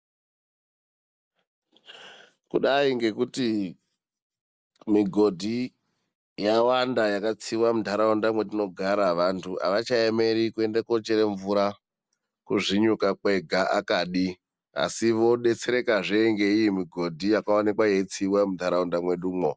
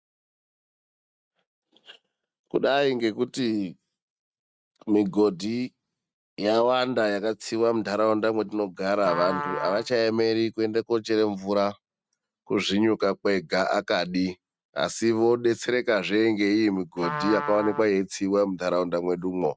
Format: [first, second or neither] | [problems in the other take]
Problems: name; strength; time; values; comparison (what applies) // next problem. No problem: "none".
first | noise reduction (neural mask model RNNoise)